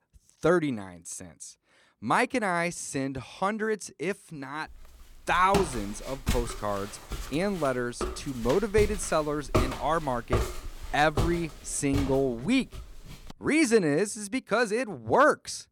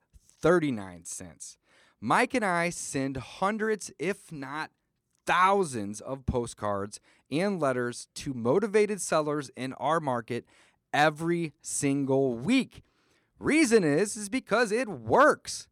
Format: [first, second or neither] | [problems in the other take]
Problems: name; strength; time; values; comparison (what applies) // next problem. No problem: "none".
second | footsteps; noticeable; from 5.5 to 13 s; peak 1 dB below the speech